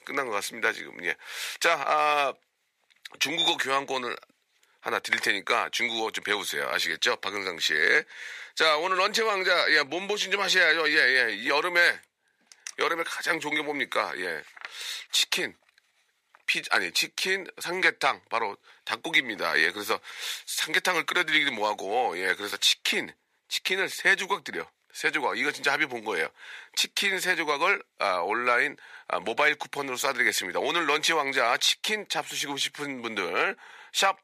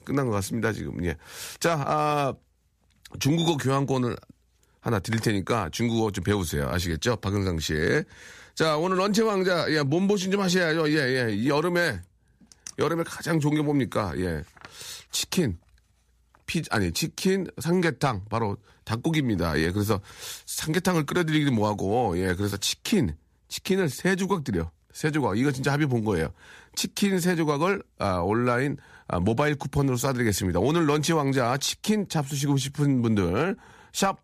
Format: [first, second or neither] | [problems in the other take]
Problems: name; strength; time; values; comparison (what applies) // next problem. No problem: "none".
second | thin; very; fading below 600 Hz